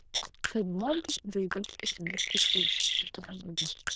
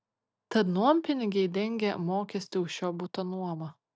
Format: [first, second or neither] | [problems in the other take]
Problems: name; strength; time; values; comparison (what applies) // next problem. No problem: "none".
second | noise reduction (neural diffusion model UNIVERSE++)